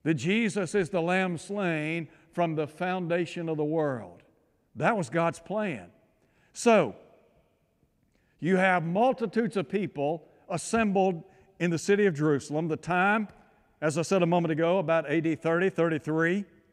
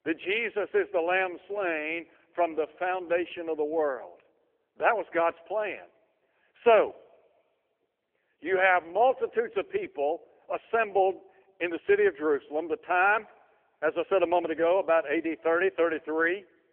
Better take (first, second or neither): first